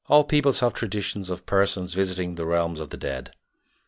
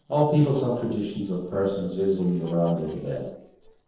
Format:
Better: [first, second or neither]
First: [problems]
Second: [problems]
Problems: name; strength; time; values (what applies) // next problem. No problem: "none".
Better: first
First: none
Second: noise reduction (neural separator model SepFormer DNS4)